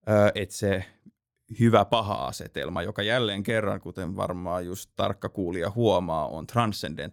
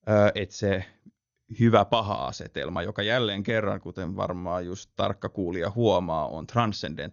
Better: first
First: none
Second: garbled, watery; slightly; nothing above 6.5 kHz

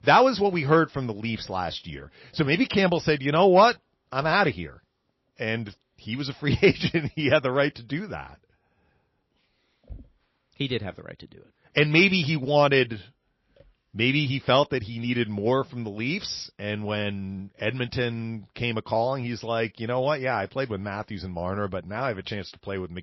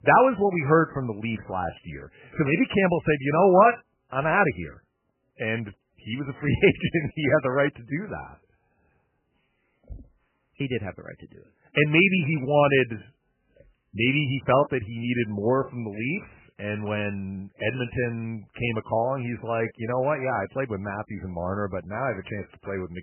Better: first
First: garbled, watery; slightly; nothing above 5.5 kHz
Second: garbled, watery; badly; nothing above 3 kHz

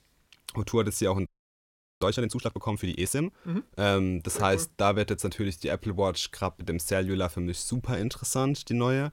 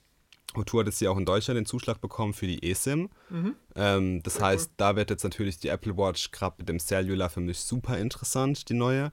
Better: second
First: audio freezing; at 1.5 s for 0.5 s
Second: none

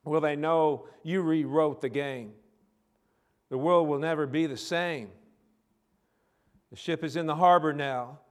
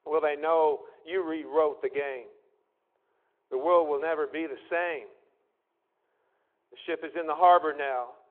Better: first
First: none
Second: phone-call audio

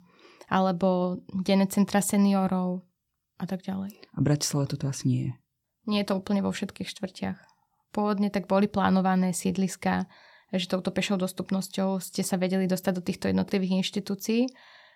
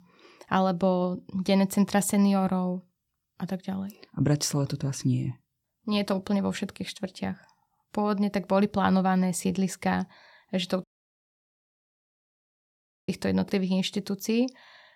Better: first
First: none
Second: audio cutting out; at 11 s for 2 s

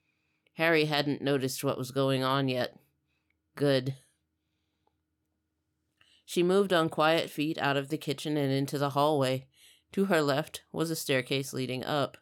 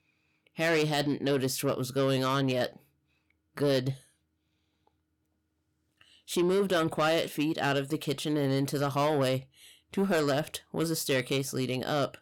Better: first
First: none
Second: distortion; slight; 10 dB below the speech

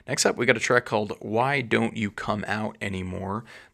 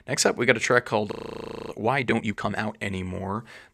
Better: first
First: none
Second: audio freezing; at 1 s for 0.5 s

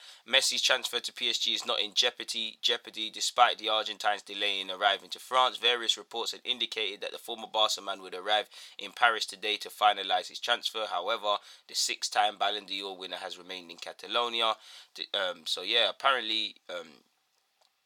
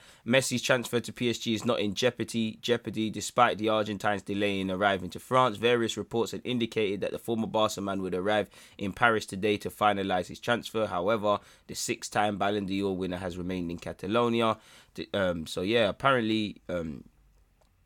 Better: second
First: thin; very; fading below 700 Hz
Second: none

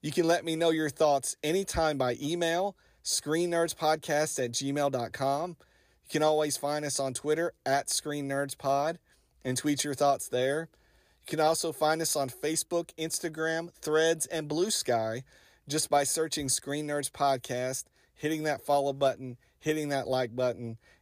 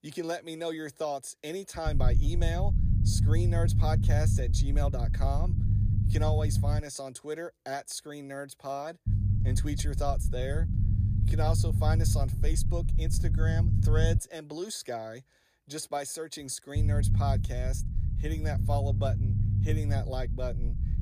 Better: first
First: none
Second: low rumble; loud; from 2 to 7 s, from 9 to 14 s and from 17 s on; 6 dB below the speech

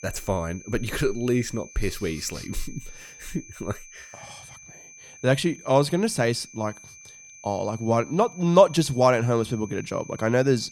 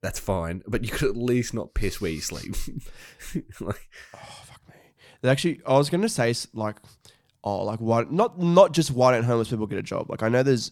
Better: second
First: high-pitched whine; noticeable; throughout; 6 kHz, 20 dB below the speech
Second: none

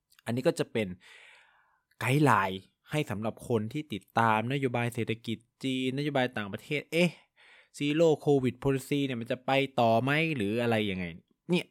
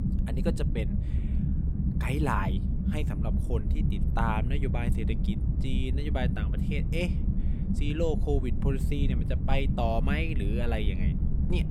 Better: first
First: none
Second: low rumble; loud; throughout; 6 dB below the speech

